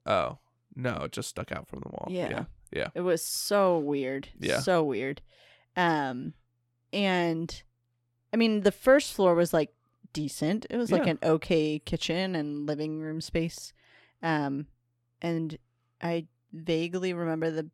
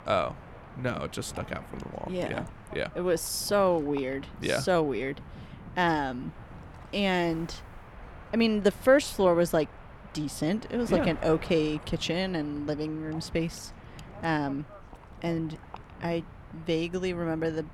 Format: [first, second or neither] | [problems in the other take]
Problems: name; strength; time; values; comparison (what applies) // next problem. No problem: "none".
first | wind noise on the microphone; occasional gusts; 20 dB below the speech